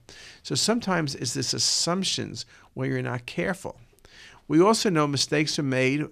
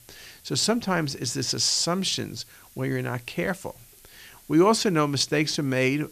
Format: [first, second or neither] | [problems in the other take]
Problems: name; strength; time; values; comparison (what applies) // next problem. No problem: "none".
first | hiss; faint; throughout; 25 dB below the speech